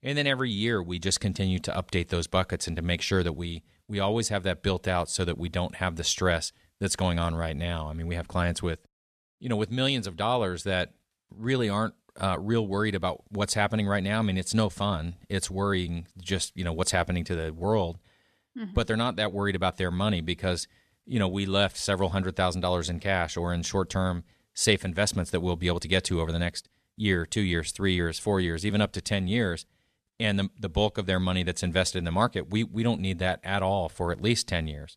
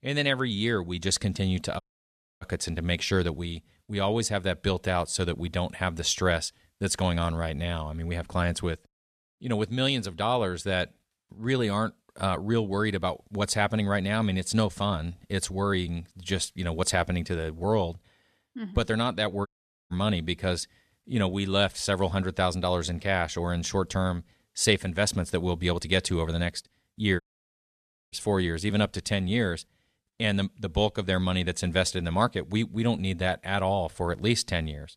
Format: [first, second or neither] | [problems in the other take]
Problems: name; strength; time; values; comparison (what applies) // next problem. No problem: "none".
first | audio cutting out; at 2 s for 0.5 s, at 19 s and at 27 s for 1 s